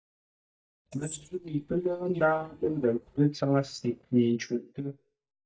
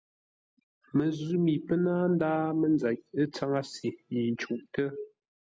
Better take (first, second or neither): second